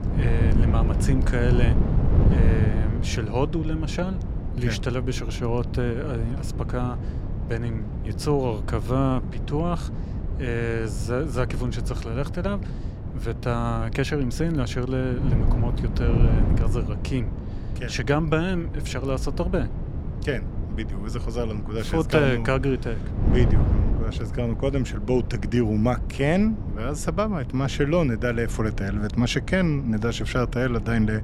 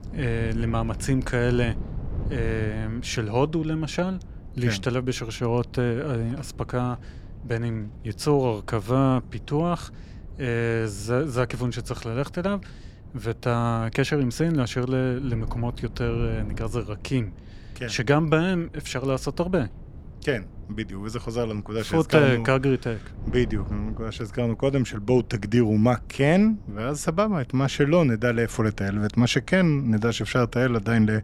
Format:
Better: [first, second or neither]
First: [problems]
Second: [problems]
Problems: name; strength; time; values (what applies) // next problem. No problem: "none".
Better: second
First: wind noise on the microphone; heavy; 9 dB below the speech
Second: wind noise on the microphone; occasional gusts; 25 dB below the speech